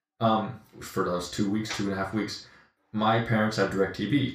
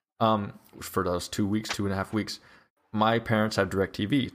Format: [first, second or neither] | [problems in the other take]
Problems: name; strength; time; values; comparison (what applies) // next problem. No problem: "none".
second | room echo; noticeable; dies away in 0.3 s // off-mic speech; far